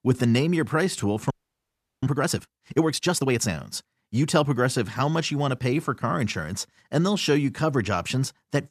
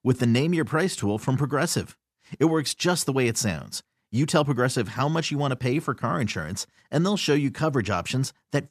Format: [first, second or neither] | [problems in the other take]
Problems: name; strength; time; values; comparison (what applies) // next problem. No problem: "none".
second | audio freezing; at 1.5 s for 0.5 s